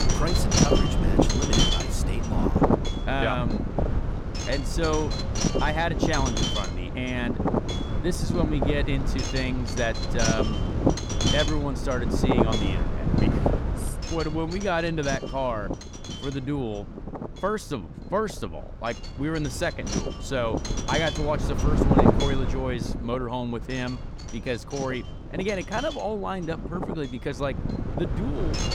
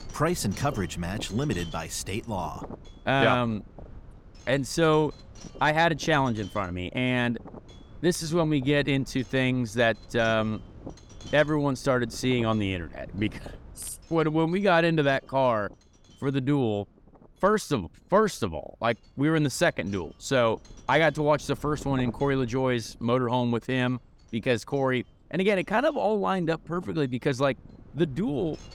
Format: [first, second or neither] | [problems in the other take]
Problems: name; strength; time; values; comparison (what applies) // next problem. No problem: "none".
second | wind noise on the microphone; heavy; as loud as the speech; occasional gusts in the second